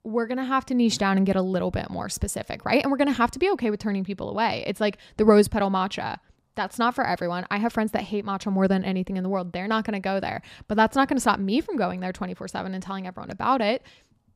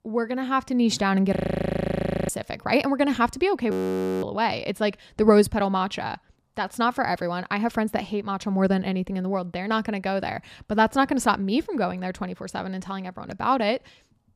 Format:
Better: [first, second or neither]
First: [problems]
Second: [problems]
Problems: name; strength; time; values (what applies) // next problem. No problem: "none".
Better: first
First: none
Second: audio freezing; at 1.5 s for 1 s and at 3.5 s for 0.5 s